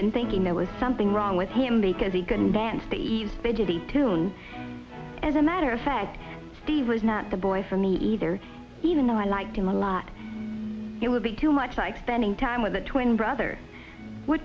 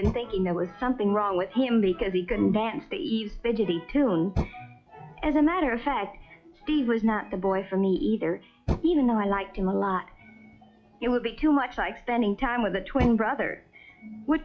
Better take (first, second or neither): first